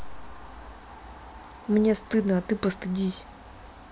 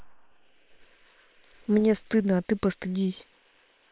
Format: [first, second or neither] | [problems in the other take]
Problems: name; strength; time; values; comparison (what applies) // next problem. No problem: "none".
first | noise reduction (neural separator model SepFormer WHAM!)